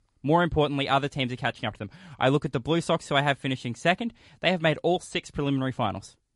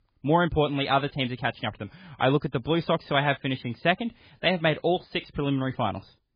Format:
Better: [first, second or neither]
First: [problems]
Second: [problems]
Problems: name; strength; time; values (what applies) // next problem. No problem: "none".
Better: first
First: garbled, watery; slightly; nothing above 11 kHz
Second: garbled, watery; badly